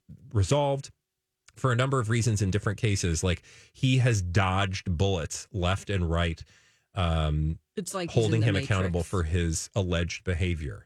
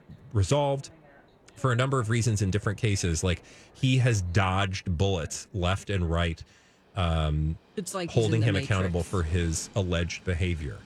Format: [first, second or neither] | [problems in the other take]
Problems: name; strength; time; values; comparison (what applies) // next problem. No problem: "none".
first | train or aircraft noise; faint; throughout; 25 dB below the speech